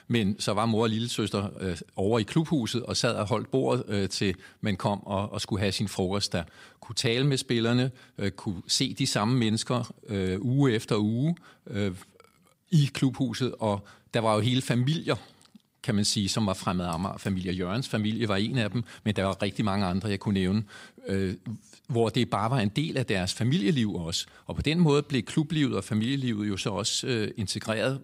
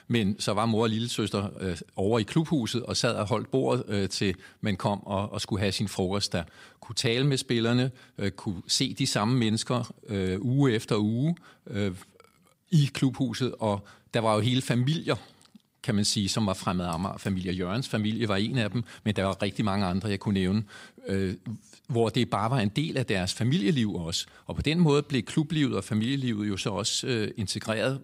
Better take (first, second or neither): neither